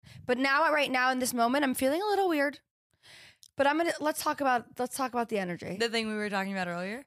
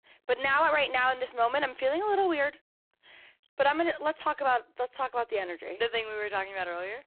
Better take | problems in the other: first | phone-call audio; poor line

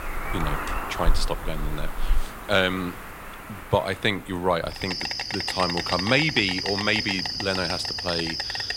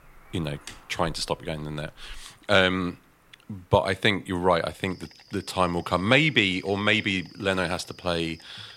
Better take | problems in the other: second | animal sounds; loud; throughout; 3 dB below the speech; faint in the second

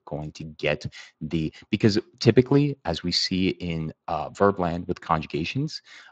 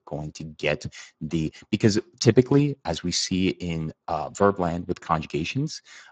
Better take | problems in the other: first | garbled, watery; badly; slightly in the first

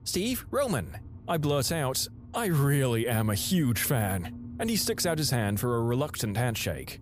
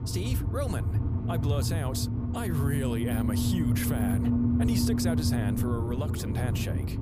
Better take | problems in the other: first | low rumble; loud; throughout; 1 dB below the speech; faint in the first

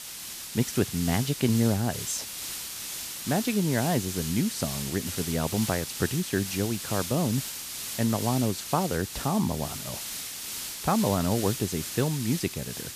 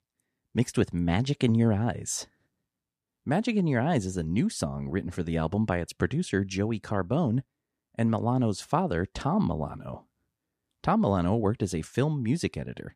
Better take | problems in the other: second | hiss; loud; throughout; 5 dB below the speech

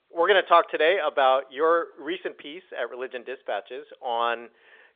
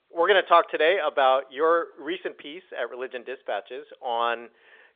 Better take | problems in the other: neither | phone-call audio; nothing above 3 kHz; the same in both

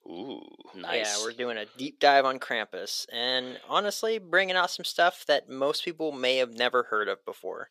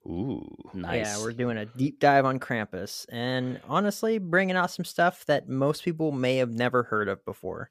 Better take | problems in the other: second | thin; somewhat; fading below 450 Hz

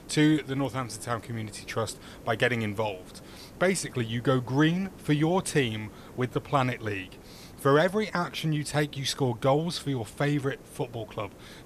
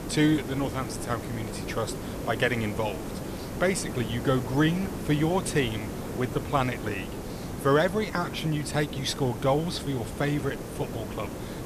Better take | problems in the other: first | hiss; loud; throughout; 7 dB below the speech; faint in the first

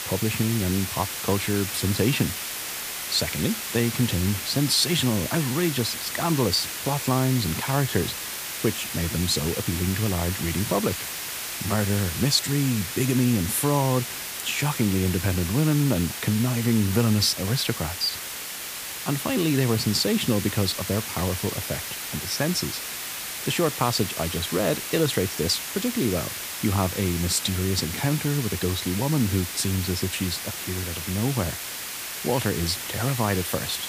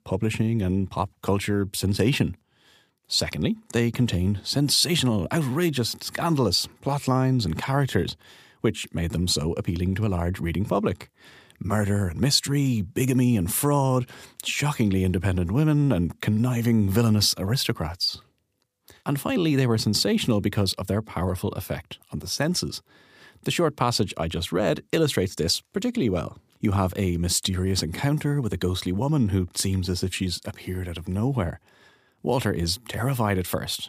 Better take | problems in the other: second | hiss; loud; throughout; 5 dB below the speech

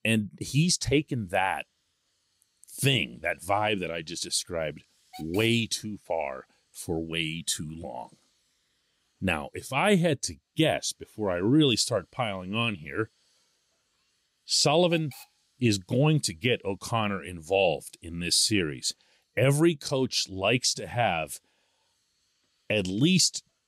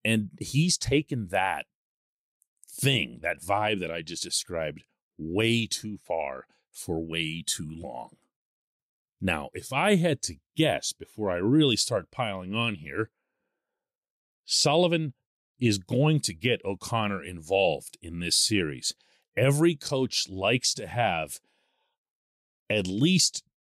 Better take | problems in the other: second | hiss; faint; throughout; 30 dB below the speech

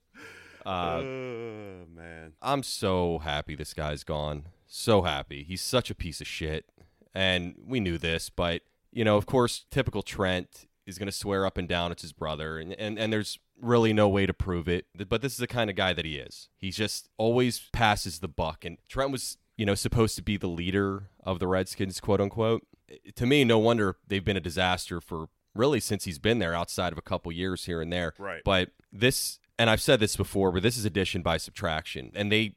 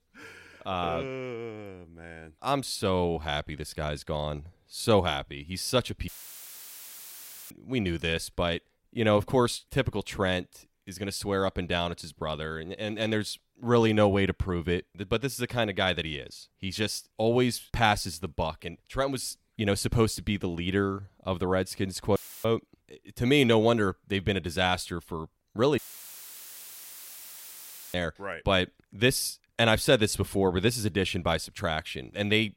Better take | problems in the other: first | audio cutting out; filled with static; at 6 s for 1.5 s, at 22 s and at 26 s for 2 s

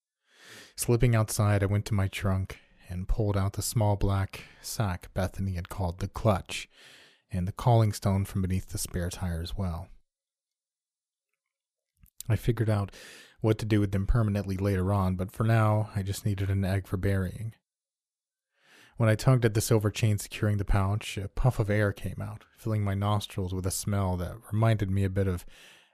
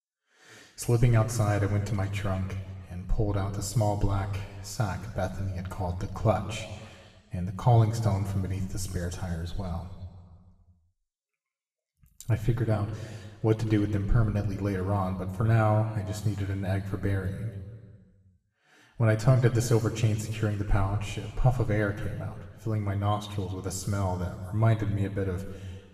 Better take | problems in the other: first | room echo; slight; dies away in 1.5 s // off-mic speech; somewhat distant

